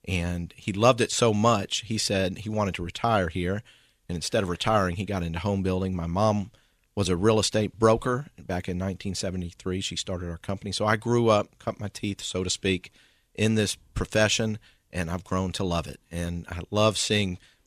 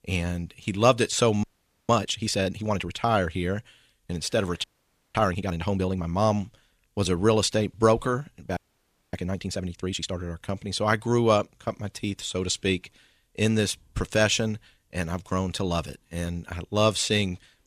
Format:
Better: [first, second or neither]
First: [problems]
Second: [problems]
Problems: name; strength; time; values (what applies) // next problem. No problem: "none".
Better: first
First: none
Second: audio freezing; at 1.5 s, at 4.5 s for 0.5 s and at 8.5 s for 0.5 s